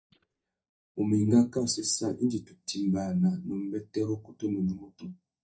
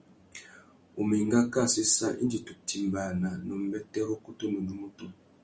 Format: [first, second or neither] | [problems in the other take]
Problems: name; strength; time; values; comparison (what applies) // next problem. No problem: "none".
second | noise reduction (neural mask model DeepFilterNet 3)